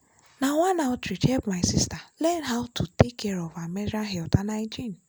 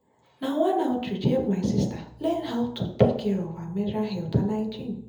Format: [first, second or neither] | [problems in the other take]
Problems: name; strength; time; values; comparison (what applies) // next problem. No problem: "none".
first | room echo; dies away in 0.7 s